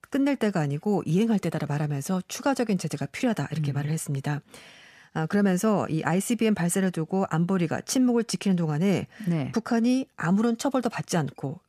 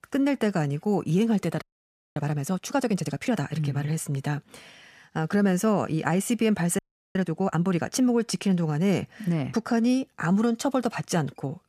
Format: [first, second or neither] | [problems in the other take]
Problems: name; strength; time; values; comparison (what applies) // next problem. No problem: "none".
first | audio freezing; at 1.5 s for 0.5 s and at 7 s